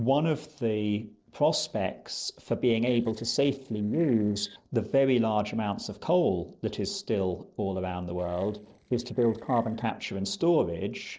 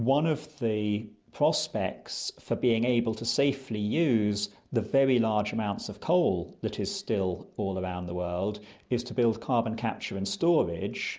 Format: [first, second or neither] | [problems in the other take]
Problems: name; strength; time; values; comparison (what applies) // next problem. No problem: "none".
second | noise reduction (neural separator model SepFormer DNS4)